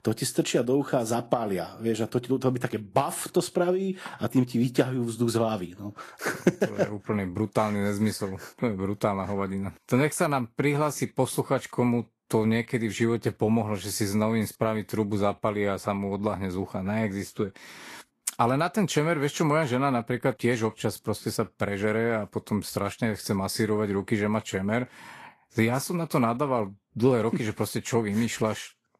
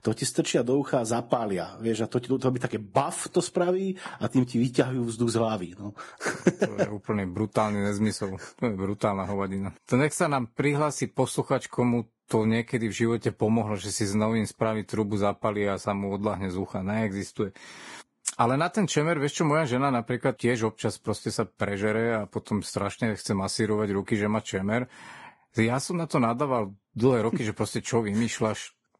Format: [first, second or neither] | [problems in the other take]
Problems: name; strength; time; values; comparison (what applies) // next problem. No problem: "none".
first | garbled, watery; badly; nothing above 10.5 kHz; slightly in the first